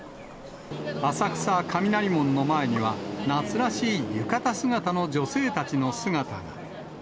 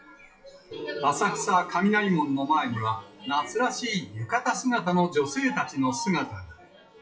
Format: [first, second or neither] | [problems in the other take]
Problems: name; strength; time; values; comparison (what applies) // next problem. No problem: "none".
first | noise reduction (classical method WPE with log-MMSE)